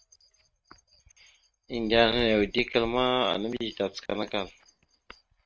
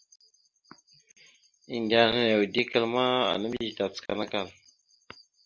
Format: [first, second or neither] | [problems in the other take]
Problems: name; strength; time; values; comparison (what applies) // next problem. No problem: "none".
second | noise reduction (neural mask model RNNoise)